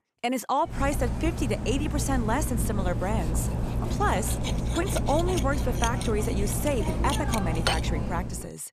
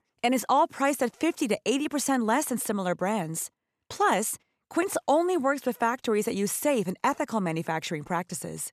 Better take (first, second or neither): second